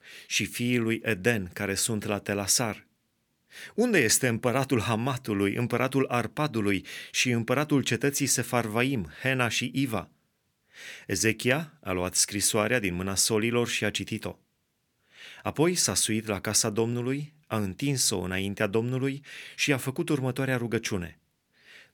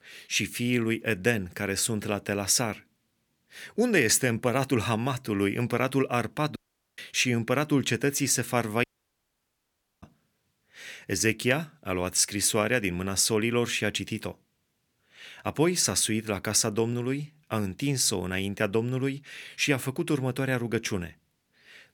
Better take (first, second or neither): first